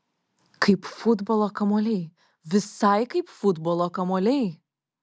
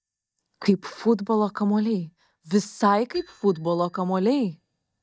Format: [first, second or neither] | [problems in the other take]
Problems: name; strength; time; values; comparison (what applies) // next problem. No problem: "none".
first | noise reduction (neural mask model DeepFilterNet 3)